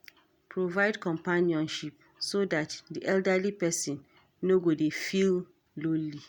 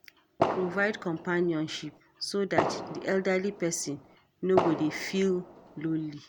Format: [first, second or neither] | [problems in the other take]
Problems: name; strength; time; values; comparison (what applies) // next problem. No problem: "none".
first | background sound (Fireworks); 4 dB below the speech